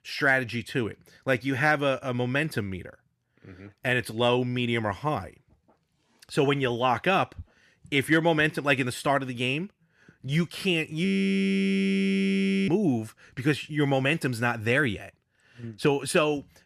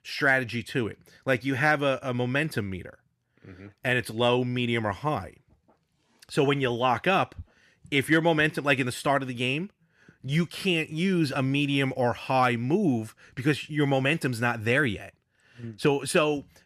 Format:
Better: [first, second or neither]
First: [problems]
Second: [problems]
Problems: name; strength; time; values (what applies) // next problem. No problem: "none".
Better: second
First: audio freezing; at 11 s for 1.5 s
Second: none